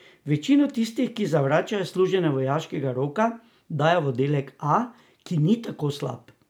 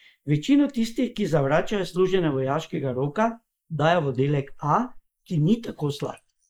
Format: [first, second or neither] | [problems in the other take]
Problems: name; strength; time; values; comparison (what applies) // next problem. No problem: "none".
first | noise reduction (neural mask model Resemble Enhance denoiser)